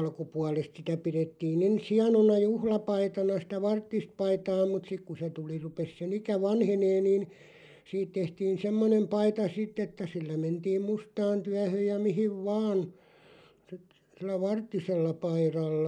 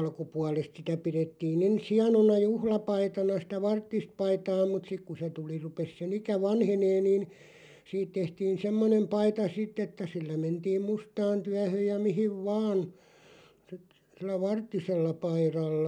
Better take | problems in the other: second | noise reduction (neural mask model Resemble Enhance denoiser)

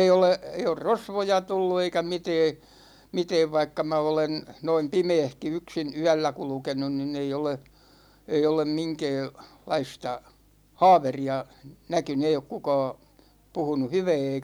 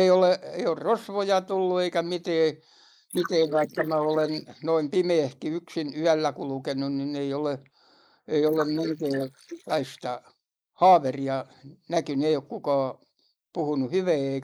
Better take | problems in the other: first | noise reduction (neural mask model Resemble Enhance denoiser)

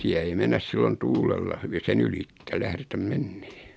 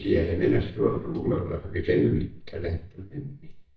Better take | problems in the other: first | noise reduction (neural mask model DeepFilterNet 3)

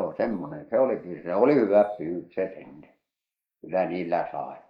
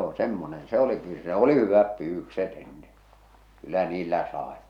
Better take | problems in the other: second | noise reduction (neural mask model Resemble Enhance denoiser)

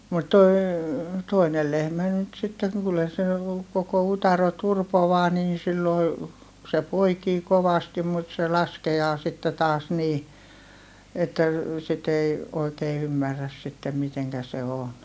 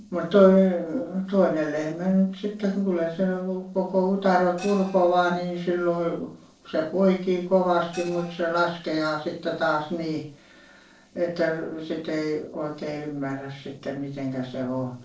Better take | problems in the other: first | noise reduction (neural separator model SepFormer DNS4)

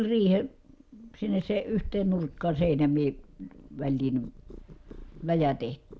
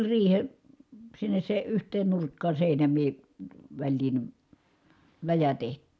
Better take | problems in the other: second | background sound (Purr); 16 dB below the speech

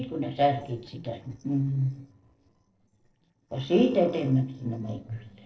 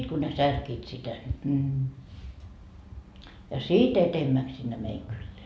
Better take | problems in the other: second | noise reduction (neural separator model SepFormer DNS4)

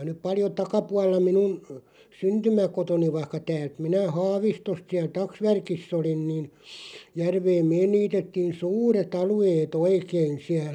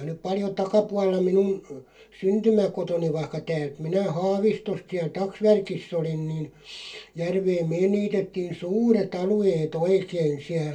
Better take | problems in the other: first | room echo; dies away in 0.2 s

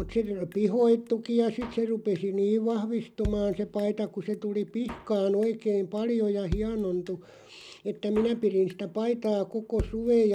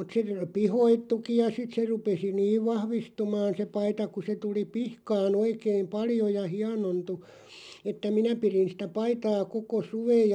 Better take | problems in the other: second | background sound (Drum kit); 15 dB below the speech

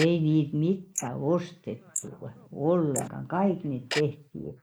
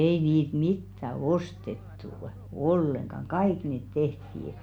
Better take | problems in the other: second | noise reduction (neural mask model Resemble Enhance denoiser)

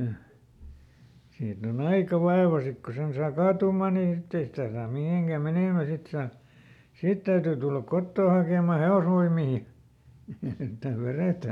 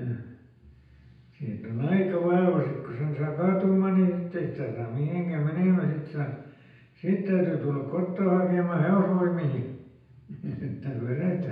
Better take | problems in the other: first | room echo; dies away in 0.9 s

